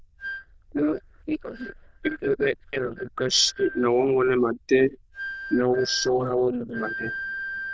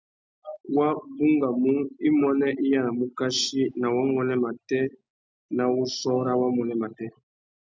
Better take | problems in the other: second | noise reduction (neural diffusion model UNIVERSE++)

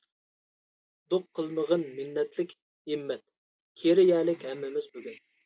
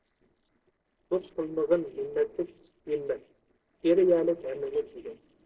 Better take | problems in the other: first | noise reduction (neural separator model SepFormer DNS4)

